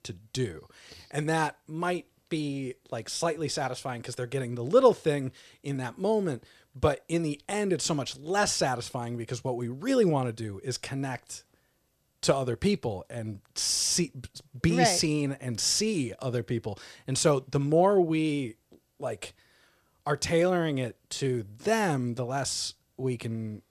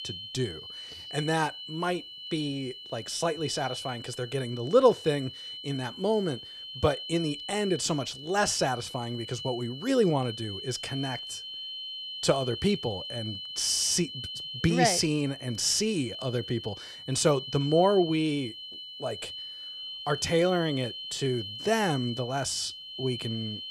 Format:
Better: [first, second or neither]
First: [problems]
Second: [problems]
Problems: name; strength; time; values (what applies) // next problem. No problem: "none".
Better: first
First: none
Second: high-pitched whine; loud; throughout; 3 kHz, 9 dB below the speech